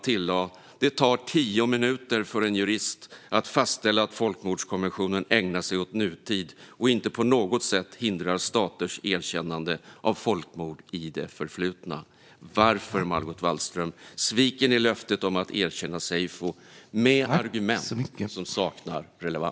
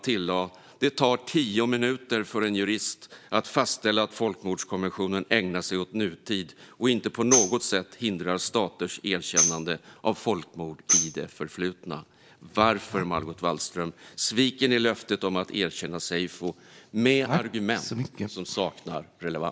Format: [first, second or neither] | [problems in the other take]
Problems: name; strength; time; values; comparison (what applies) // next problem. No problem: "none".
first | background sound (Tambourine); 2 dB below the speech